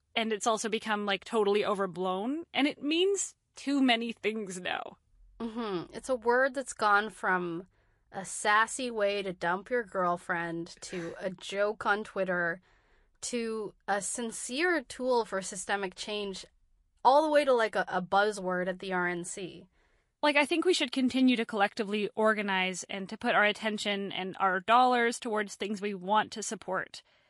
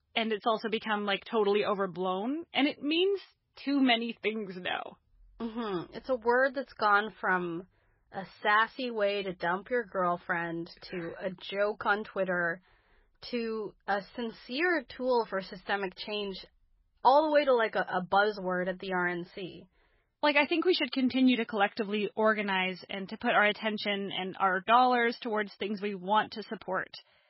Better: first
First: garbled, watery; slightly; nothing above 11 kHz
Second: garbled, watery; badly; nothing above 5.5 kHz

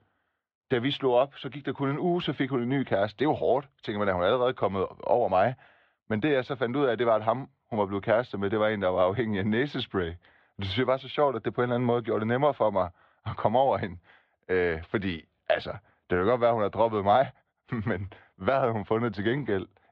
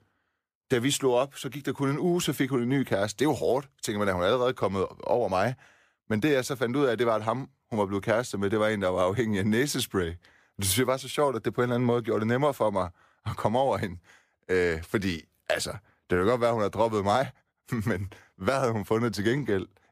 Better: second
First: muffled; very; fading above 3.5 kHz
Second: none

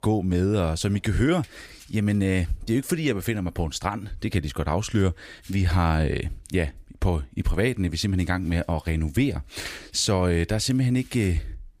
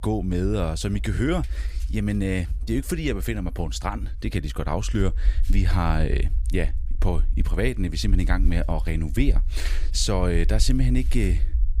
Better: first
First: none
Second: low rumble; faint; throughout; 20 dB below the speech

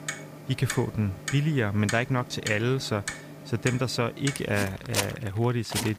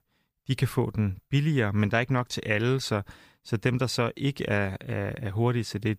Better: second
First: household noises; loud; throughout; 8 dB below the speech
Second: none

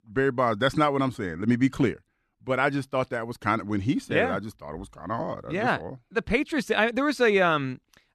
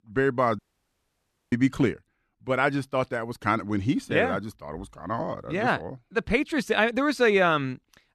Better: first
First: none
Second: audio cutting out; at 0.5 s for 1 s

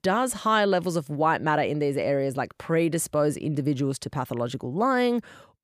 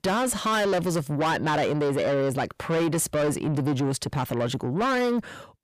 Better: first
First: none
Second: distortion; heavy; 8 dB below the speech

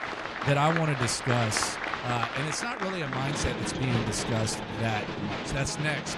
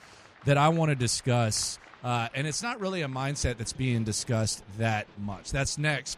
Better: second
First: crowd noise; loud; throughout; 2 dB below the speech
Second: crowd noise; faint; throughout; 25 dB below the speech

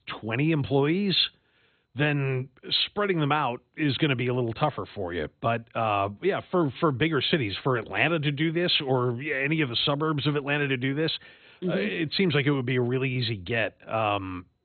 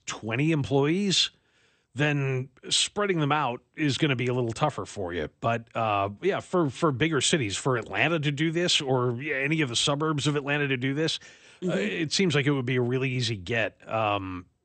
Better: second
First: garbled, watery; badly; nothing above 4 kHz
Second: garbled, watery; slightly; nothing above 8.5 kHz

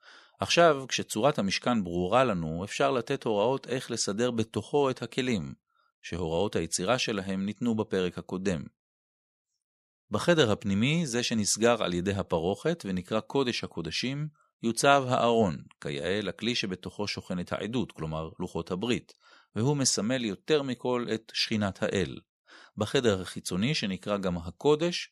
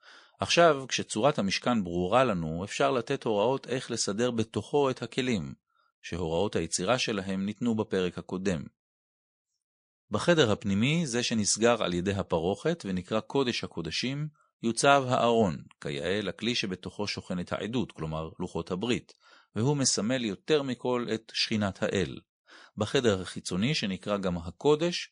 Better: first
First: none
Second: garbled, watery; slightly; nothing above 9 kHz

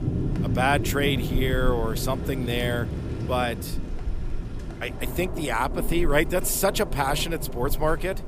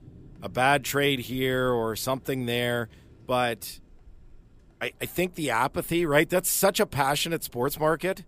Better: second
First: rain or running water; loud; throughout; 5 dB below the speech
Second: rain or running water; faint; throughout; 25 dB below the speech

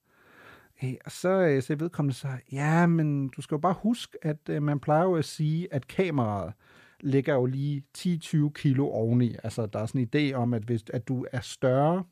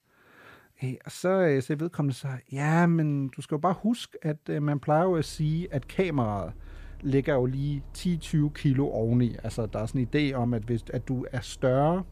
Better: first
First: none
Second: traffic noise; faint; throughout; 20 dB below the speech

